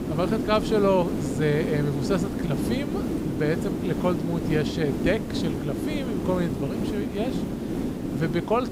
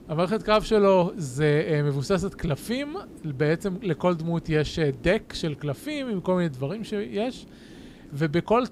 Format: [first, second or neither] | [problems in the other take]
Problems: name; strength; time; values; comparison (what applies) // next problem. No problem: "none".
second | hiss; loud; throughout; 1 dB below the speech; faint in the second